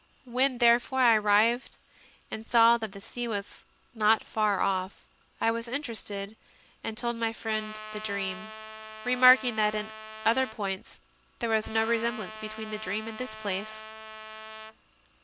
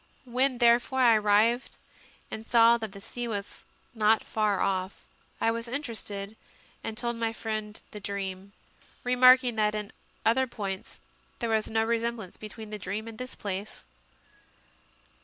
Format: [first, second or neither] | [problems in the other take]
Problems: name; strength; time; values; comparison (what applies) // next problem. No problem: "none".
second | background sound (Trumpet); 12 dB below the speech